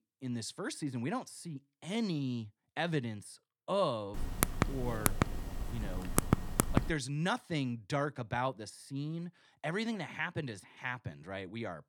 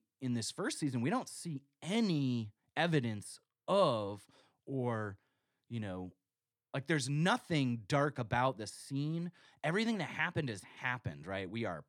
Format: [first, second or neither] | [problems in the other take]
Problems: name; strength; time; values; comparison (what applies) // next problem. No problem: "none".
second | keyboard typing; loud; from 4 to 7 s; peak 6 dB above the speech